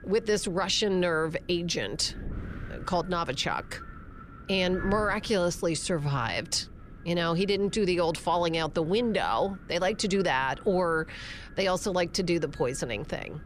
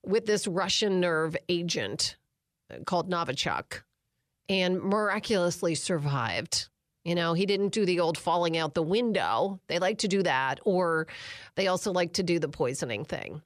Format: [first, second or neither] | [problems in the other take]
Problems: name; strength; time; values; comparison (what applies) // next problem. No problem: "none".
second | wind noise on the microphone; occasional gusts; 20 dB below the speech